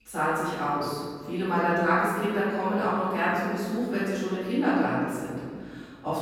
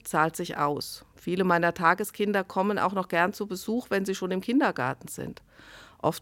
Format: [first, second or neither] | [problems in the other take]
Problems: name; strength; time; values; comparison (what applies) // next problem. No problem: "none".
second | off-mic speech; far // room echo; strong; dies away in 1.9 s